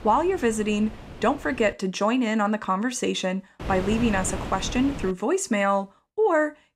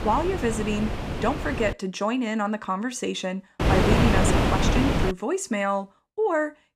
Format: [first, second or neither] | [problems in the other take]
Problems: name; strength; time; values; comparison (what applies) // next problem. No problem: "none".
first | wind noise on the microphone; heavy; until 1.5 s and from 3.5 to 5 s; as loud as the speech; occasional gusts in the first